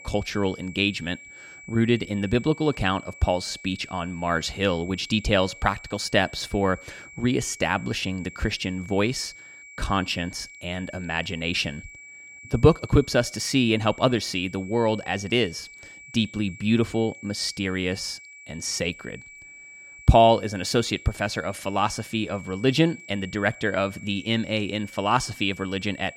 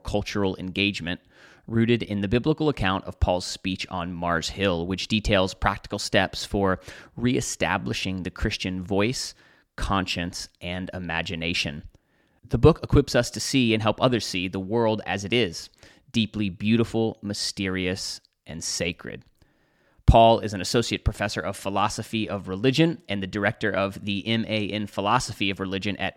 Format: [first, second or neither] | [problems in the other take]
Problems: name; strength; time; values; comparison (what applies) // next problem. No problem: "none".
second | high-pitched whine; noticeable; throughout; 2.5 kHz, 20 dB below the speech